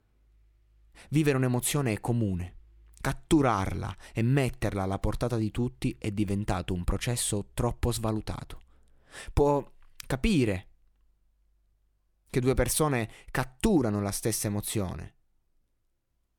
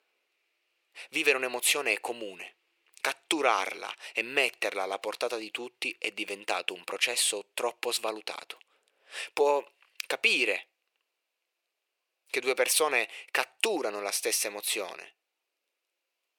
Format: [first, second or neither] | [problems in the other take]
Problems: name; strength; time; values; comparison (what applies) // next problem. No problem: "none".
first | thin; very; fading below 450 Hz